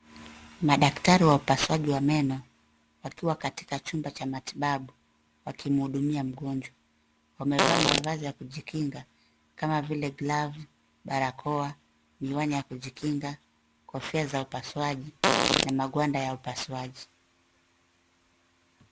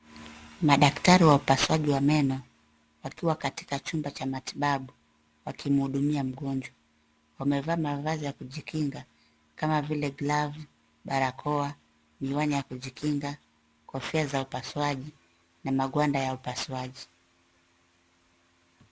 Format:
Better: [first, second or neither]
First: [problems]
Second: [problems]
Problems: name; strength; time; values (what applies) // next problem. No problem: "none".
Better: second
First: background sound (Fart); 3 dB above the speech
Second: none